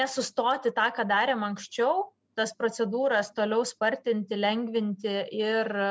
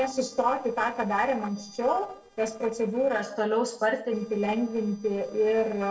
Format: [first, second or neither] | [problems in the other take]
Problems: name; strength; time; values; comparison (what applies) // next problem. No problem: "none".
first | noise reduction (neural separator model SepFormer DNS4)